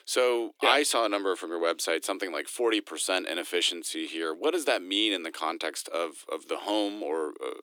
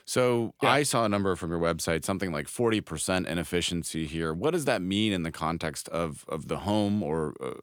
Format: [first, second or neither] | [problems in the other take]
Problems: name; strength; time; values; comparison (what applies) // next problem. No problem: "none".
second | thin; somewhat; fading below 300 Hz